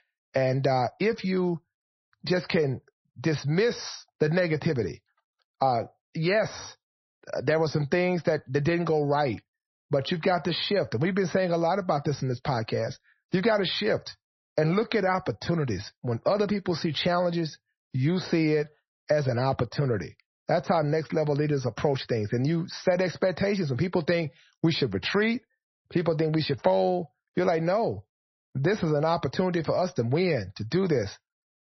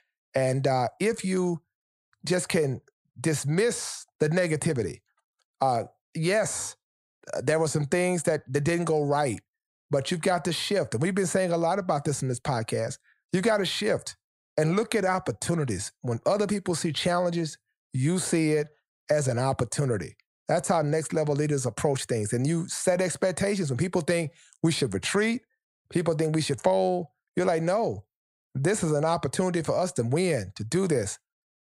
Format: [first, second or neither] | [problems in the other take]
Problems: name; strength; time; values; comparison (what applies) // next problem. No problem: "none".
second | garbled, watery; slightly; nothing above 6 kHz